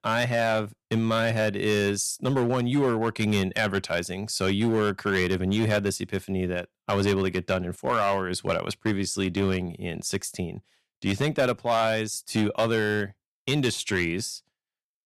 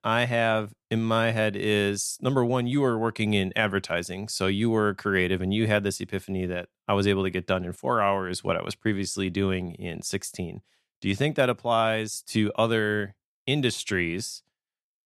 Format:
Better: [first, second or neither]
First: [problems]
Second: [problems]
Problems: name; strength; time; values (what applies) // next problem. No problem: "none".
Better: second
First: distortion; slight; 5% of the sound clipped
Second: none